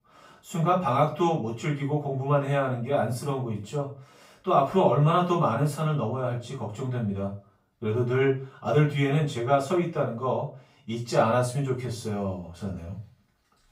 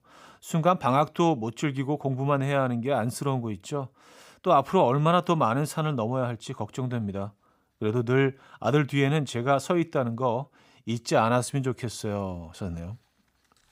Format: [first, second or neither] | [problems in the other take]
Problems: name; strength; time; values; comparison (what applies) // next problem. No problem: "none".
second | off-mic speech; far // room echo; slight; dies away in 0.3 s